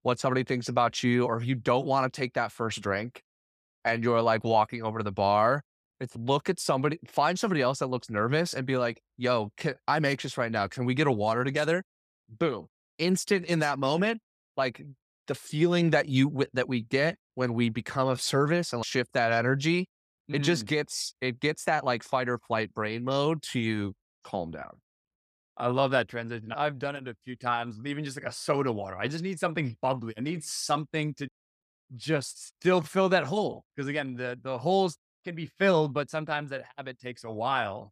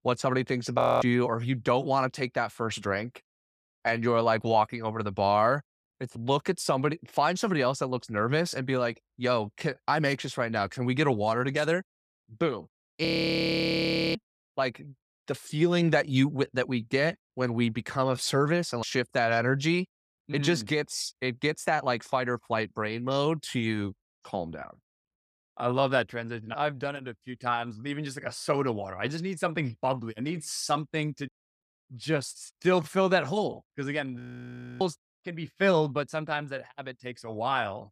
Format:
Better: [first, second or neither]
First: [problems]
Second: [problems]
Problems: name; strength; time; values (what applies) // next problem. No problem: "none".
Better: first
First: none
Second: audio freezing; at 1 s, at 13 s for 1 s and at 34 s for 0.5 s